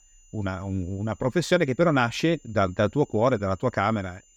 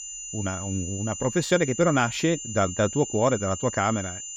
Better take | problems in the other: first | high-pitched whine; loud; throughout; 7 kHz, 8 dB below the speech; faint in the first

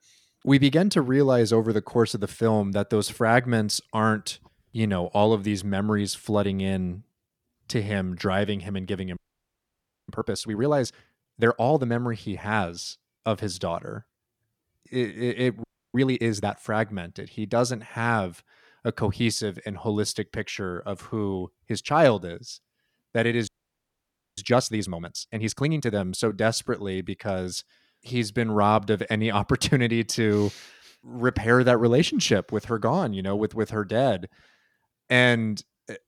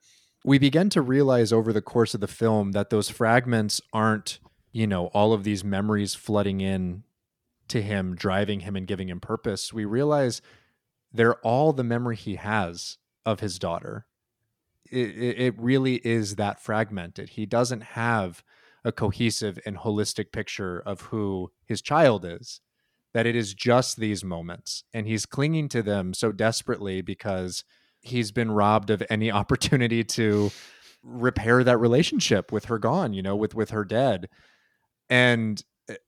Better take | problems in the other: second | audio freezing; at 9 s for 1 s, at 16 s and at 23 s for 1 s

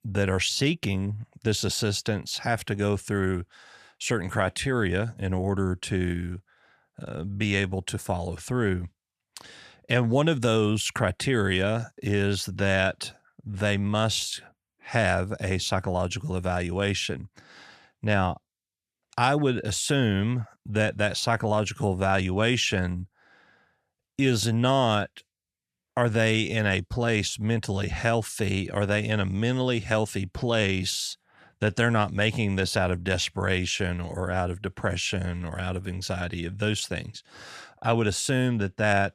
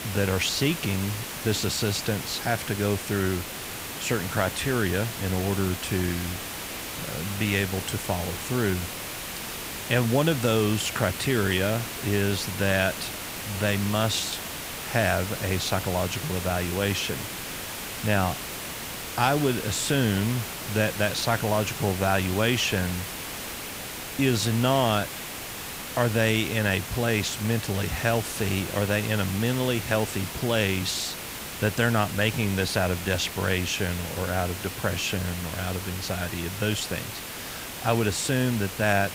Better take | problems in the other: first | hiss; loud; throughout; 7 dB below the speech

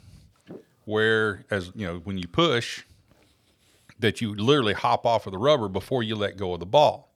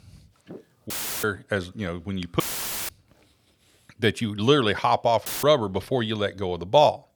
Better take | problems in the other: first | audio cutting out; filled with static; at 1 s, at 2.5 s and at 5.5 s

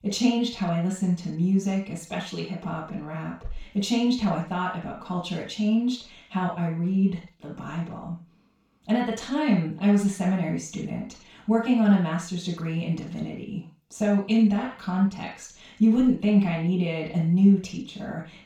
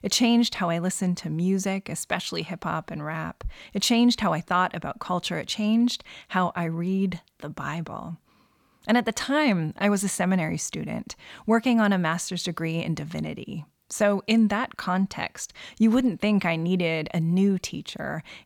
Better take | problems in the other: second | room echo; noticeable; dies away in 0.4 s // off-mic speech; far

